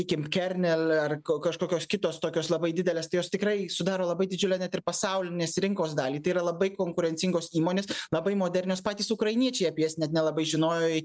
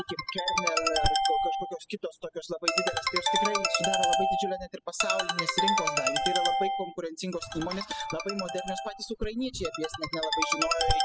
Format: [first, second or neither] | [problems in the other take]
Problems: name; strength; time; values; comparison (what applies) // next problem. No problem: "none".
first | noise reduction (classical method spectral subtraction)